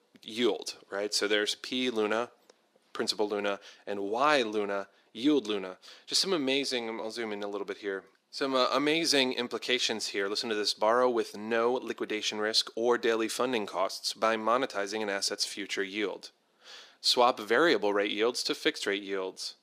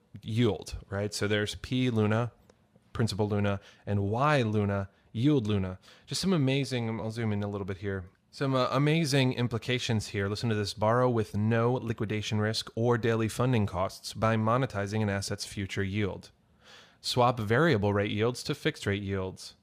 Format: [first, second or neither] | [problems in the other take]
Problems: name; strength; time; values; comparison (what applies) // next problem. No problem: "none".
second | thin; somewhat; fading below 300 Hz